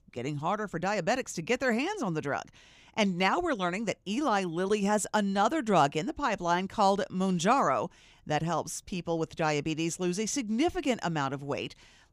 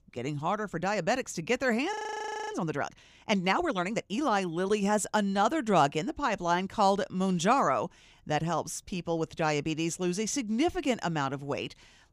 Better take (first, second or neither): first